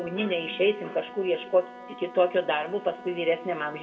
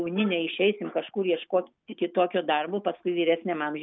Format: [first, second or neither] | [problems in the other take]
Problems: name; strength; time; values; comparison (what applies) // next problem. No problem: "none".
second | background sound (Wind instrument, woodwind instrument); 16 dB below the speech // room echo; dies away in 1.4 s